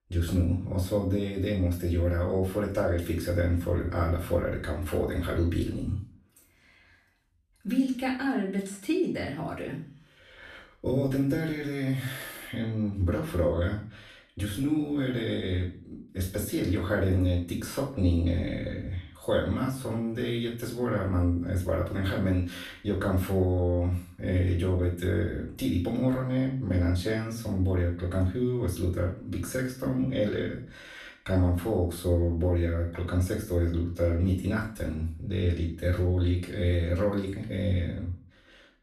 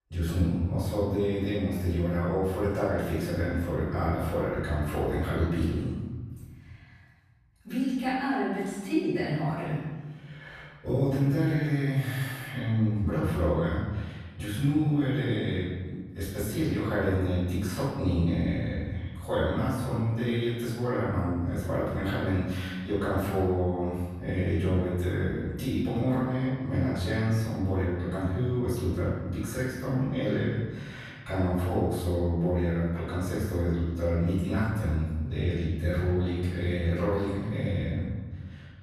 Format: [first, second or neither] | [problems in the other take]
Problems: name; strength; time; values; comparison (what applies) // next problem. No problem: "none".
first | room echo; strong; dies away in 1.3 s; slight in the first // off-mic speech; far; far in the first